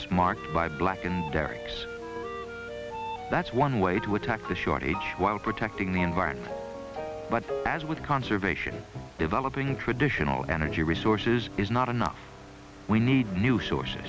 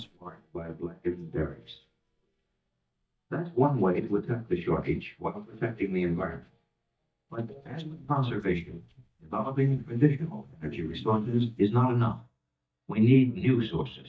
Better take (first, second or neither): first